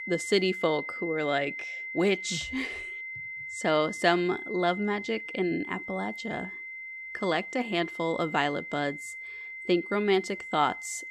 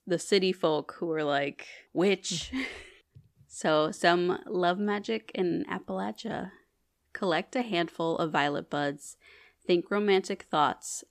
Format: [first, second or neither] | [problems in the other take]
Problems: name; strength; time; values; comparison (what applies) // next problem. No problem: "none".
second | high-pitched whine; loud; throughout; 2 kHz, 8 dB below the speech